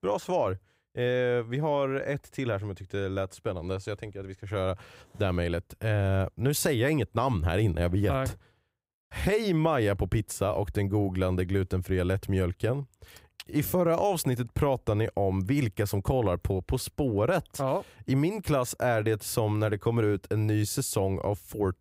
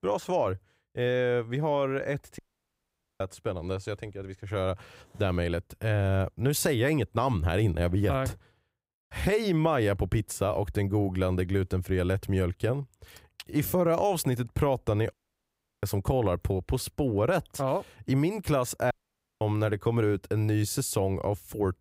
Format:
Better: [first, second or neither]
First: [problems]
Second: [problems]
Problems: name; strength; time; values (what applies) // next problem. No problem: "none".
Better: first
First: none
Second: audio cutting out; at 2.5 s for 1 s, at 15 s for 0.5 s and at 19 s for 0.5 s